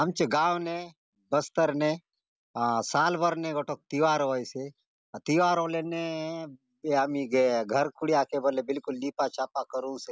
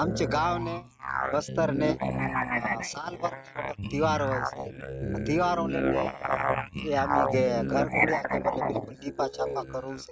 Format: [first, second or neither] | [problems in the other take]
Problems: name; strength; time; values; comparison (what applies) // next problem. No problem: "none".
first | noise reduction (neural mask model RNNoise)